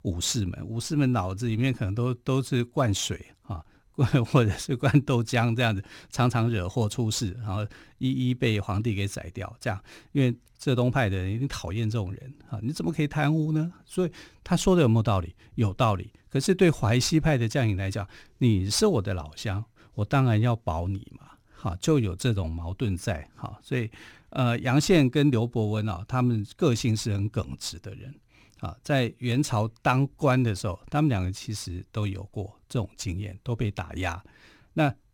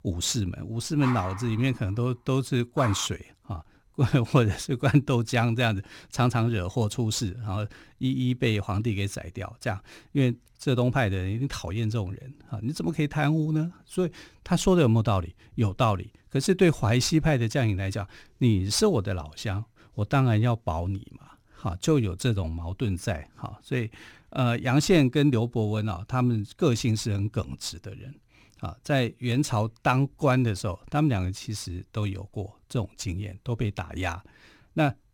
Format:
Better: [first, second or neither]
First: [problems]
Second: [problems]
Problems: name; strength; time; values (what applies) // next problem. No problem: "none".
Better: first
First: none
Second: dog barking; noticeable; from 1 to 3 s; peak 8 dB below the speech